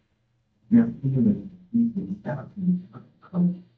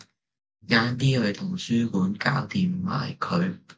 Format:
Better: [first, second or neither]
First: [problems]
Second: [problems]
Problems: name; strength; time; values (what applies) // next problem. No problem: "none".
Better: second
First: noise reduction (neural mask model DeepFilterNet 3)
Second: none